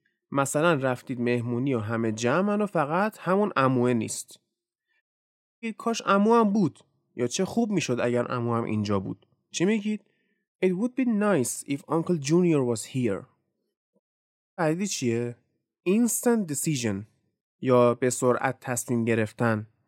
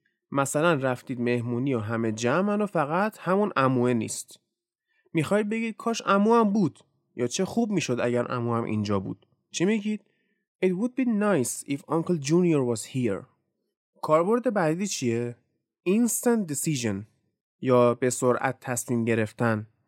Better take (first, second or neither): second